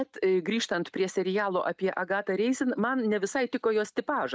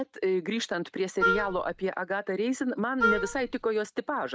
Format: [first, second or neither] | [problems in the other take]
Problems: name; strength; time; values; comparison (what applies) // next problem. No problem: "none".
first | background sound (Wind instrument, woodwind instrument); as loud as the speech